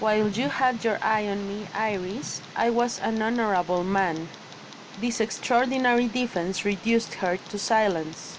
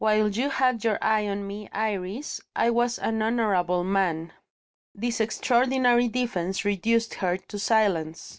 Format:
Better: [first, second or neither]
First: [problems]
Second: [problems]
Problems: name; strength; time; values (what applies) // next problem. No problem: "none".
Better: second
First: background sound (Tick); 17 dB below the speech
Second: none